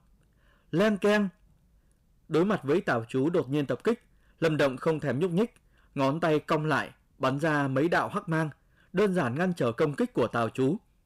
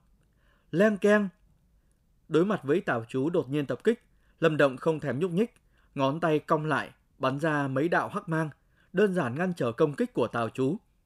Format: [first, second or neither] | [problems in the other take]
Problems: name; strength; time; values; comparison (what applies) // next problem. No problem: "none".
second | distortion; slight; 6% of the sound clipped